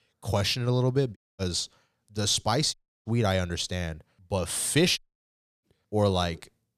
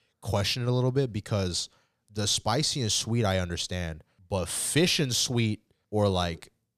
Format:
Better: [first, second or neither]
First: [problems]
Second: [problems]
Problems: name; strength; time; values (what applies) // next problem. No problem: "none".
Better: second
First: audio cutting out; at 1 s, at 2.5 s and at 5 s for 0.5 s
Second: none